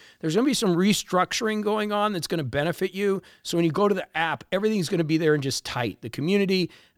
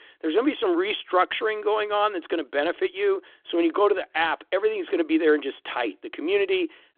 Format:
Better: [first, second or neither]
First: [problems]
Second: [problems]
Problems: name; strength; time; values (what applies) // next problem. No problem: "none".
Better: first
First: none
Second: phone-call audio; nothing above 3.5 kHz